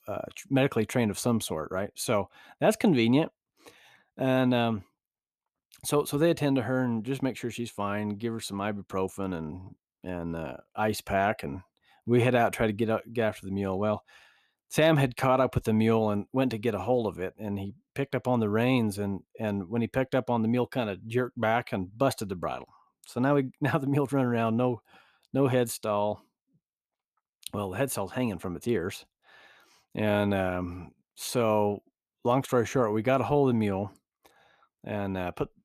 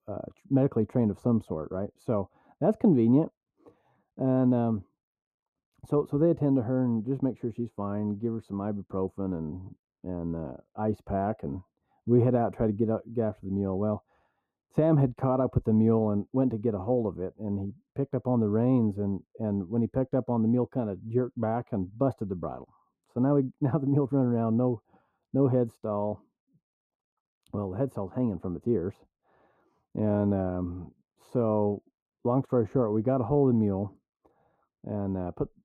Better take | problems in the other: first | muffled; very; fading above 1 kHz

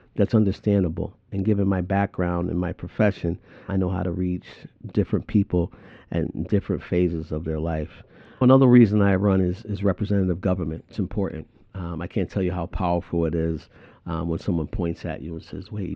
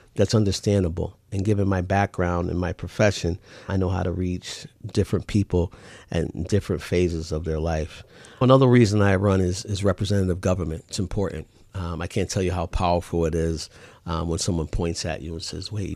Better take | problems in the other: second | muffled; very; fading above 2.5 kHz

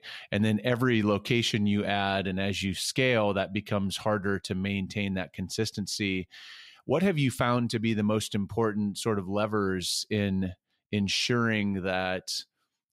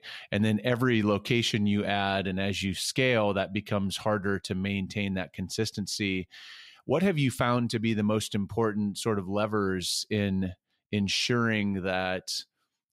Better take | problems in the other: neither | none

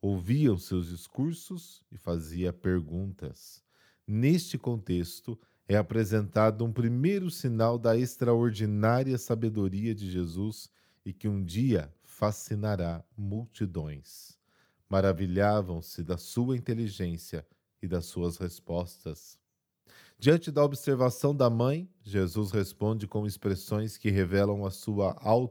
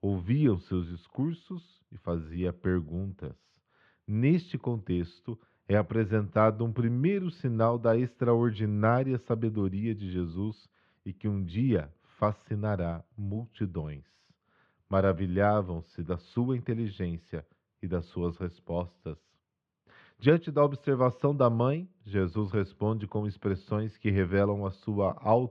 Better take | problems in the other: first | muffled; very; fading above 3 kHz

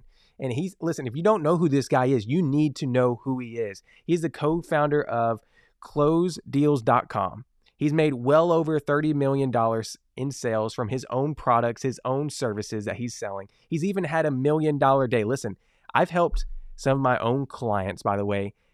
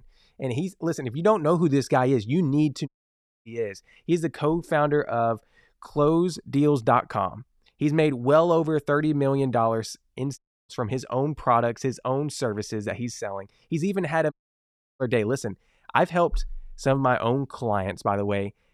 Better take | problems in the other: first | audio cutting out; at 3 s for 0.5 s, at 10 s and at 14 s for 0.5 s

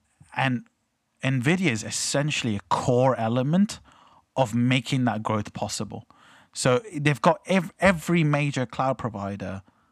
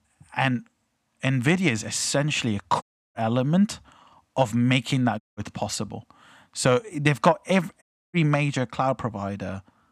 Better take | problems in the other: first | audio cutting out; at 3 s, at 5 s and at 8 s

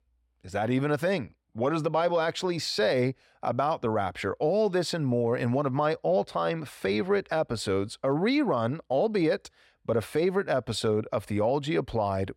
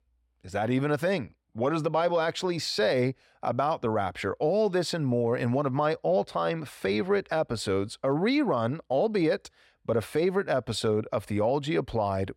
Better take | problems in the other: neither | none

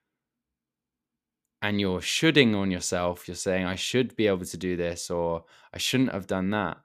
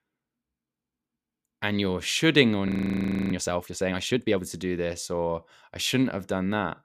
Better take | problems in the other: first | audio freezing; at 2.5 s for 0.5 s

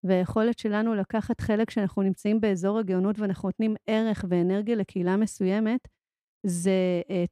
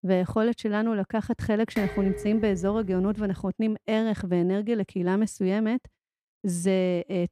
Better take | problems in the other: first | clattering dishes; noticeable; from 2 to 3.5 s; peak 8 dB below the speech

